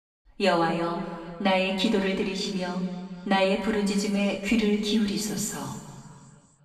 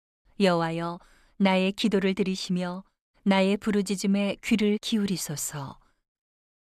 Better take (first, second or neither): second